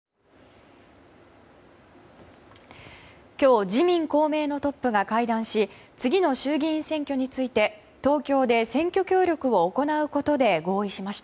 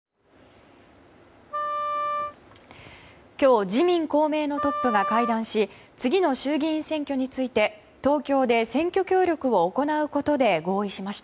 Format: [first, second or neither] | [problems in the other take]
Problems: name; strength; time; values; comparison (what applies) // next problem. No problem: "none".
first | background sound (Wind instrument, woodwind instrument); 5 dB below the speech